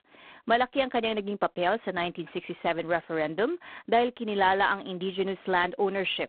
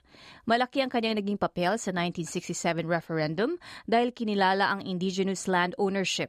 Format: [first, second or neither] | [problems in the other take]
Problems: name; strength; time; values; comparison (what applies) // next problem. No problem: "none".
second | phone-call audio; poor line